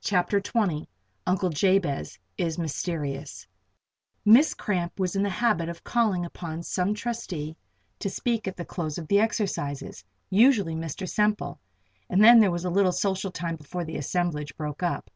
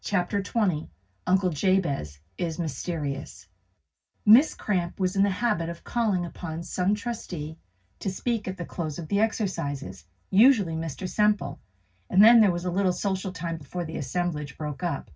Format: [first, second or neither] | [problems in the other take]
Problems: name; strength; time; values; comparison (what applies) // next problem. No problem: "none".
first | room echo; dies away in 0.4 s